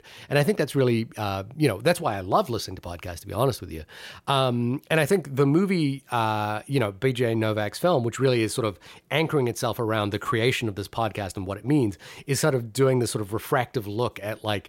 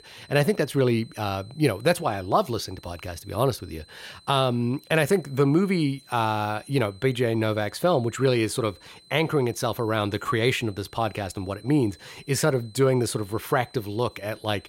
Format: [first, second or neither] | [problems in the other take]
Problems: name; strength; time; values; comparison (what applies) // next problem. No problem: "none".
first | high-pitched whine; faint; throughout; 4 kHz, 25 dB below the speech